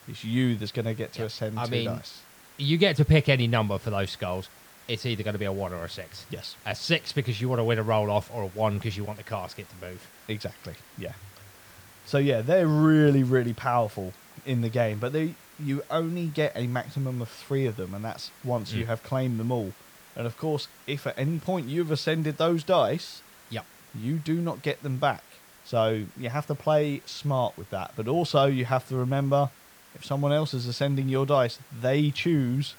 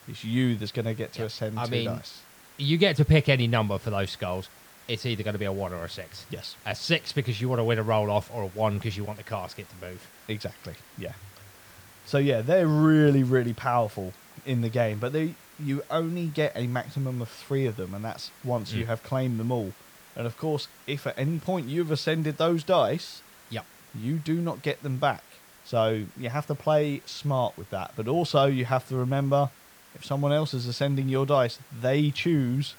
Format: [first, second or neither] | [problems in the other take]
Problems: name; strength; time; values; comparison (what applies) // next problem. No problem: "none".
neither | hiss; faint; throughout; 25 dB below the speech; the same in both